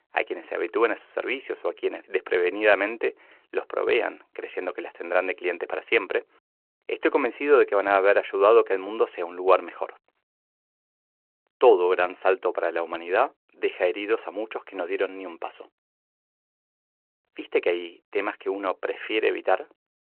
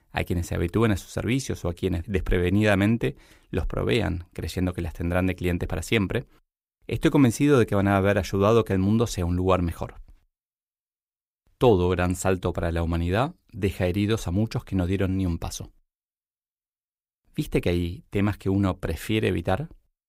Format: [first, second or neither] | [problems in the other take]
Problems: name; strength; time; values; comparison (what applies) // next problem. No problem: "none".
second | phone-call audio